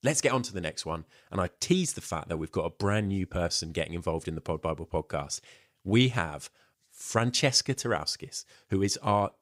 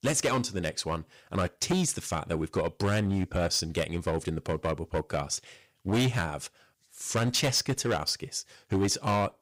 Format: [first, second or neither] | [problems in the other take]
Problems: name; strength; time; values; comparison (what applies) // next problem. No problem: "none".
first | distortion; heavy; 9% of the sound clipped